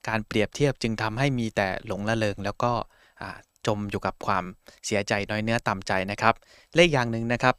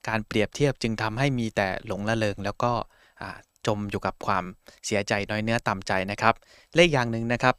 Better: neither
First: none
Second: none

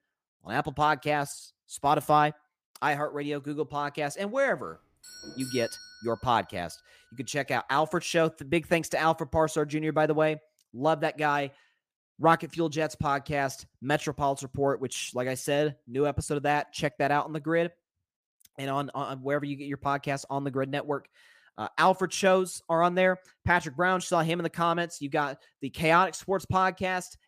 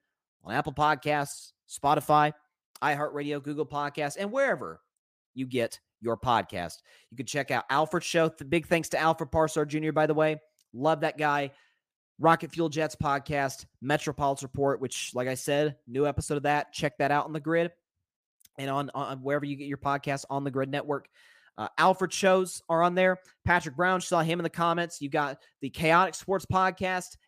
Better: second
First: doorbell; faint; from 4.5 to 6.5 s; peak 10 dB below the speech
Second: none

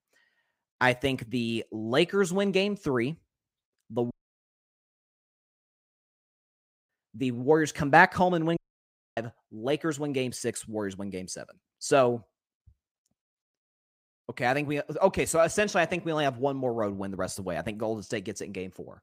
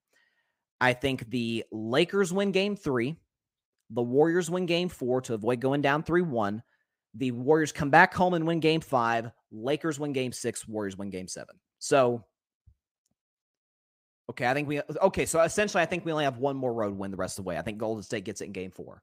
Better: second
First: audio cutting out; at 4 s for 3 s and at 8.5 s for 0.5 s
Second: none

